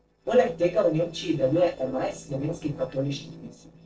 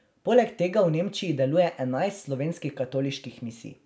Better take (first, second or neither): second